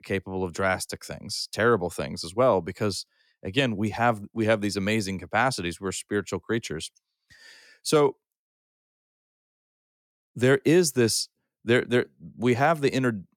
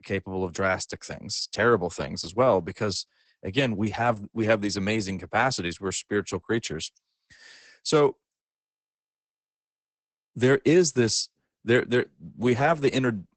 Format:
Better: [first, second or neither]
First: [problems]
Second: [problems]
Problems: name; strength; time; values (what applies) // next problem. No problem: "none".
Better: first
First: none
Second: garbled, watery; badly; nothing above 8 kHz